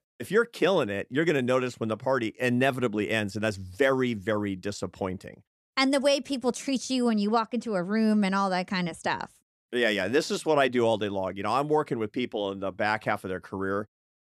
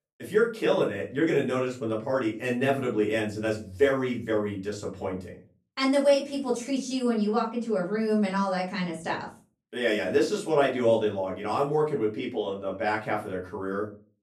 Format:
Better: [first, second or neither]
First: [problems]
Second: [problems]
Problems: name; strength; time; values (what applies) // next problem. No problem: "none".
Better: first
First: none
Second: off-mic speech; far // room echo; slight; dies away in 0.3 s